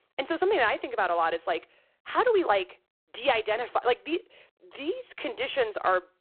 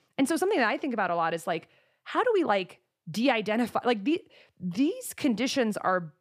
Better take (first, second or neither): second